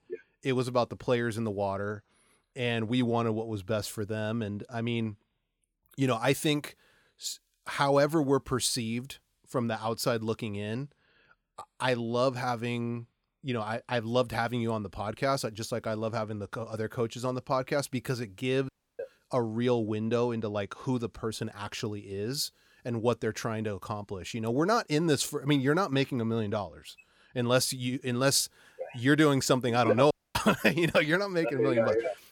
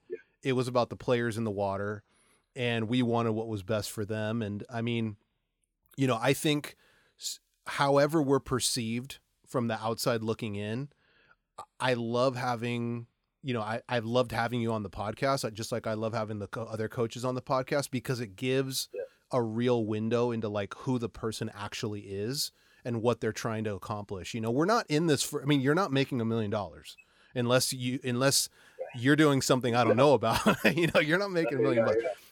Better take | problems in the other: second | audio cutting out; at 19 s and at 30 s

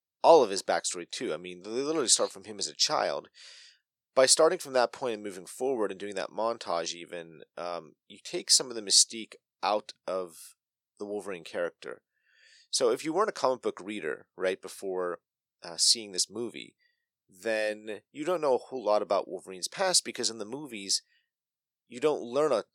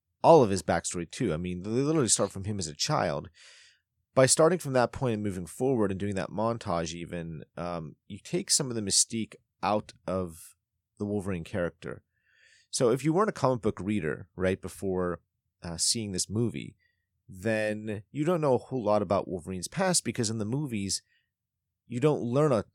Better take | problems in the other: second | thin; somewhat; fading below 450 Hz

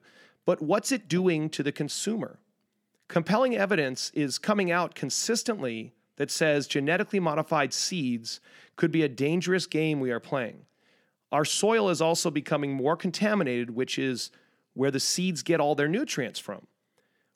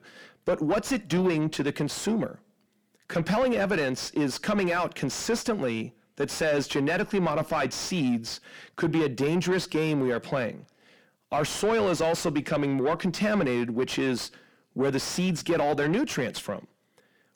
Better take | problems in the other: first | distortion; heavy; 7 dB below the speech

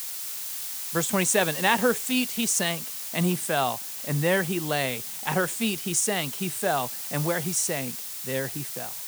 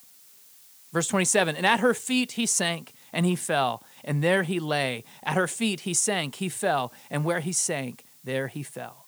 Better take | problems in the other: second | hiss; loud; throughout; 5 dB below the speech; faint in the second

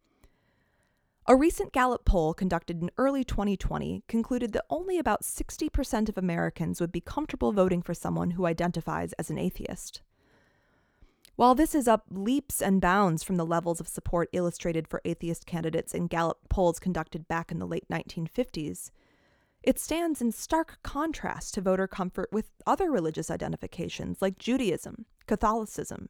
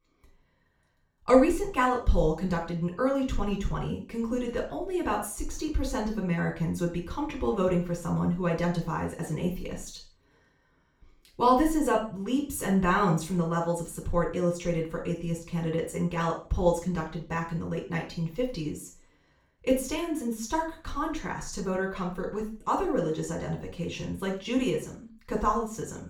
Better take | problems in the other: first | room echo; slight; dies away in 0.4 s // off-mic speech; far

